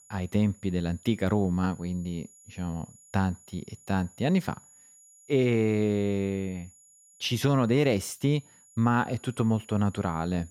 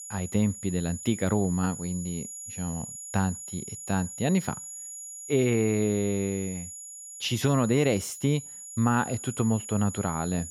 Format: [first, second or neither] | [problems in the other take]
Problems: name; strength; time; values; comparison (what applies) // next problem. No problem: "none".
first | high-pitched whine; loud; throughout; 7 kHz, 10 dB below the speech; faint in the first